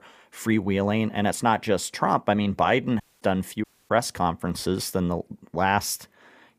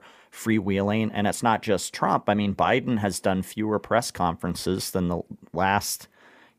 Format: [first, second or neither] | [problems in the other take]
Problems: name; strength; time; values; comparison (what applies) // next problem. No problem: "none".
second | audio cutting out; at 3 s and at 3.5 s